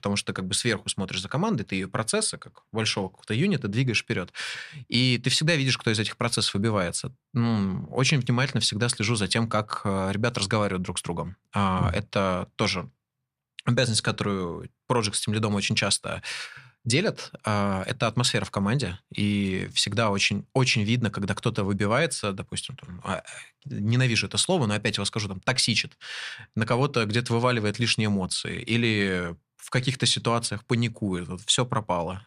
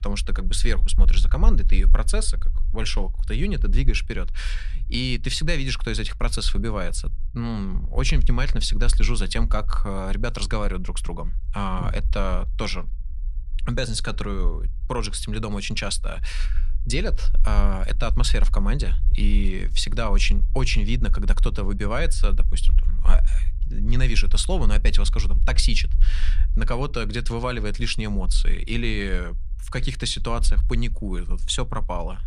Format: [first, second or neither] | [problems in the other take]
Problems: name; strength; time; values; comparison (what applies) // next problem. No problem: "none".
first | low rumble; faint; throughout; 20 dB below the speech